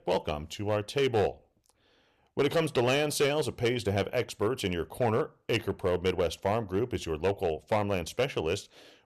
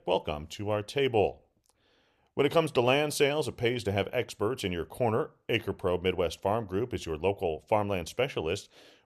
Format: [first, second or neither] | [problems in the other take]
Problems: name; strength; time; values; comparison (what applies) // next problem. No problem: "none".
second | distortion; slight; 4% of the sound clipped